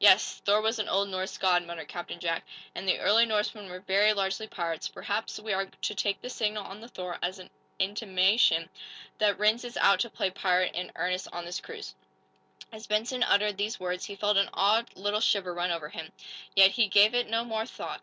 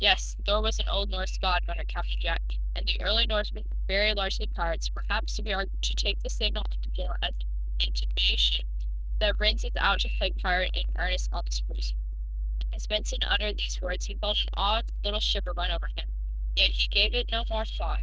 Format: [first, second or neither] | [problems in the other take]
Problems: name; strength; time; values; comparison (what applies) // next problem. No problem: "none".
first | noise reduction (neural diffusion model UNIVERSE++)